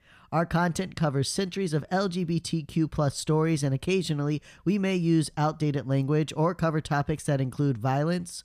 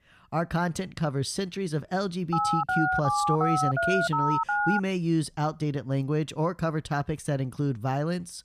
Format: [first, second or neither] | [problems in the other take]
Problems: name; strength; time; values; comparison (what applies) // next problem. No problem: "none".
first | phone ringing; loud; from 2.5 to 5 s; peak 3 dB above the speech